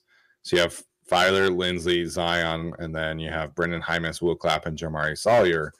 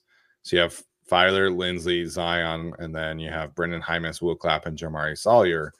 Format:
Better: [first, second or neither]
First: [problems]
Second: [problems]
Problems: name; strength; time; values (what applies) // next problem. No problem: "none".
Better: second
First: distortion; slight; 2% of the sound clipped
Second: none